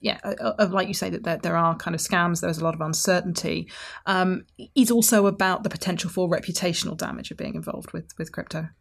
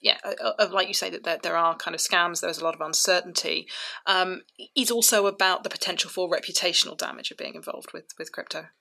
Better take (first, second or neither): first